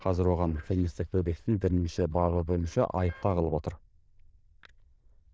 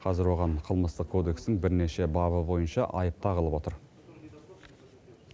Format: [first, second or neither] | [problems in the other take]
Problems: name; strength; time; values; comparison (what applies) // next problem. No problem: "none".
second | noise reduction (neural diffusion model UNIVERSE++)